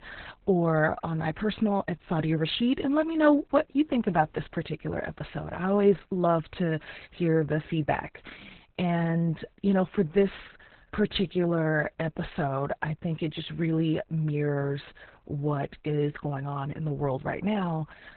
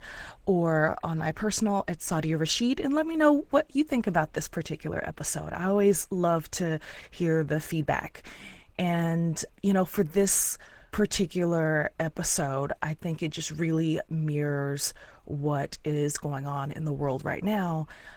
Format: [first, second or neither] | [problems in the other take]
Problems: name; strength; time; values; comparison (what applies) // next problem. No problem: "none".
second | garbled, watery; badly; nothing above 4 kHz; slightly in the second